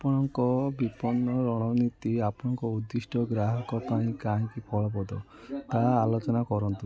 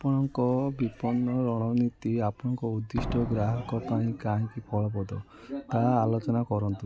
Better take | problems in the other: first | background sound (Slam); 15 dB below the speech

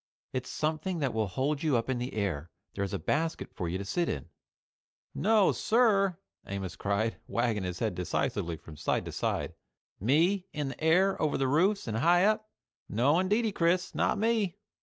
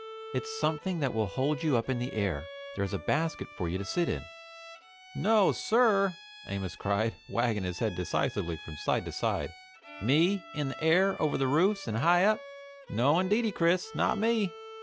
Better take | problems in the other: first | background sound (Bowed string instrument); 16 dB below the speech

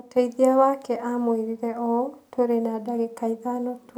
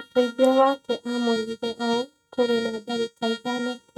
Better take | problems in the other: first | noise reduction (neural mask model RNNoise)

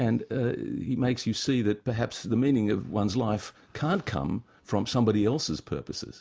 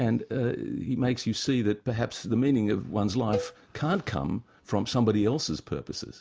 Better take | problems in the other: first | background sound (Cowbell); 11 dB below the speech

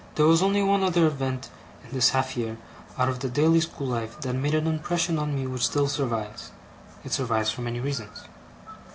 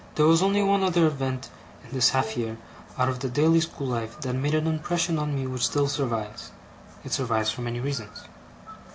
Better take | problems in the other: first | background sound (Wind instrument, woodwind instrument); 13 dB below the speech

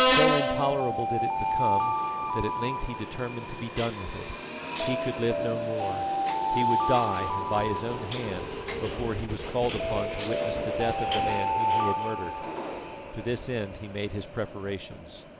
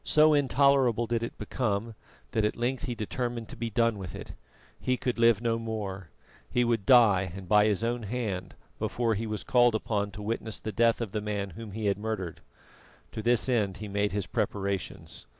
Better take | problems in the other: second | background sound (Subway, metro, underground + Alarm); 3 dB above the speech

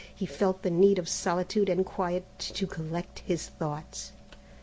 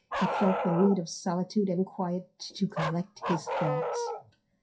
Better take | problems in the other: first | noise reduction (classical method WPE with log-MMSE)

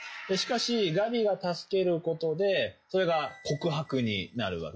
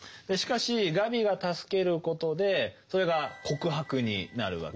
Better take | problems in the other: second | noise reduction (classical method log-MMSE)

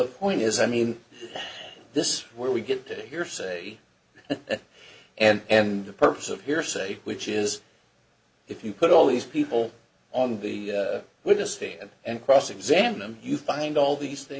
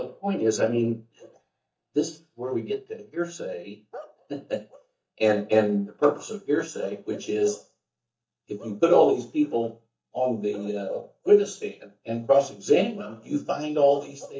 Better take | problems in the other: first | noise reduction (neural mask model DeepFilterNet 3)

